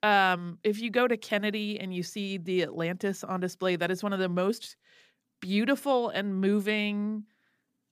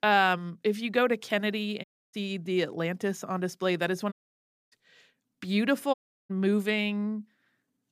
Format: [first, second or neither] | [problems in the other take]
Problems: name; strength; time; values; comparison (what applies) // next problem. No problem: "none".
first | audio cutting out; at 2 s, at 4 s for 0.5 s and at 6 s